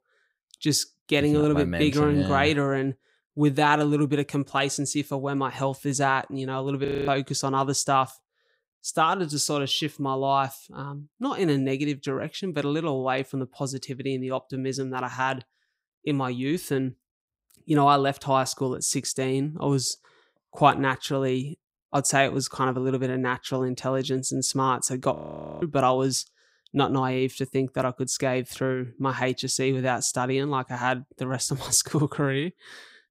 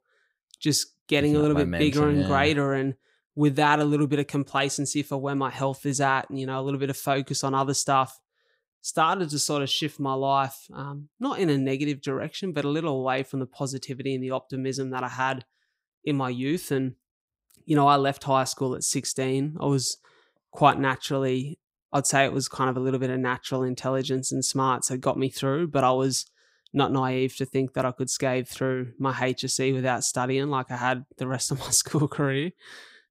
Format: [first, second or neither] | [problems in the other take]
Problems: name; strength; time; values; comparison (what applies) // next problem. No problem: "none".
second | audio freezing; at 7 s and at 25 s